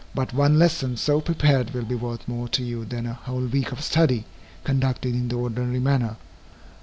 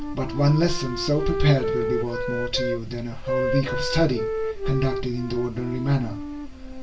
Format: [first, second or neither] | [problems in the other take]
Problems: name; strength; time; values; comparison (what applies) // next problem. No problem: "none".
first | background sound (Wind instrument, woodwind instrument); 5 dB below the speech // room echo; dies away in 0.2 s